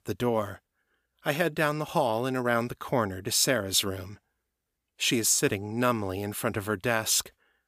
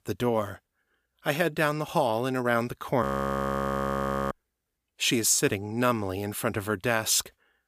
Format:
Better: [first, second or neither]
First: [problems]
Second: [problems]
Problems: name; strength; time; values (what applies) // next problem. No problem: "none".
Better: first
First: none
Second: audio freezing; at 3 s for 1.5 s